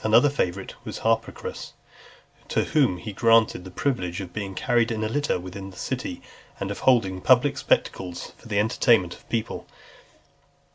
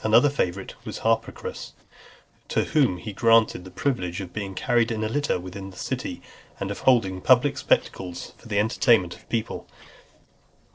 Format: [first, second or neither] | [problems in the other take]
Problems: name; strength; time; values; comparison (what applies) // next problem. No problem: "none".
first | noise reduction (neural separator model SepFormer DNS4)